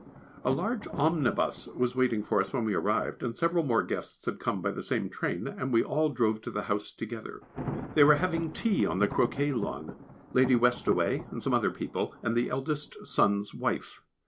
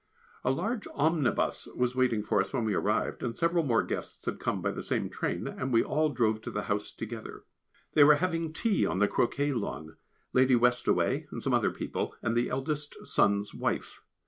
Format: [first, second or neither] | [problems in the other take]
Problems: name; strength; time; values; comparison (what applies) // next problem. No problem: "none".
second | background sound (Thunder); 15 dB below the speech